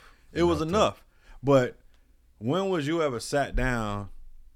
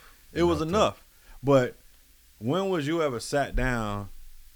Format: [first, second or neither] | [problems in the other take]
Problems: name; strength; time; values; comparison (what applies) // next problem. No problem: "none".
first | hiss; faint; throughout; 30 dB below the speech